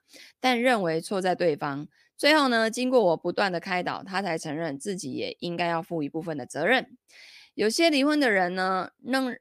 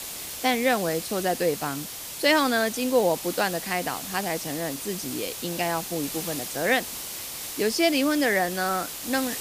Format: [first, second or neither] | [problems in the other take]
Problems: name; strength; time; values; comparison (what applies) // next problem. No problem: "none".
first | hiss; loud; throughout; 7 dB below the speech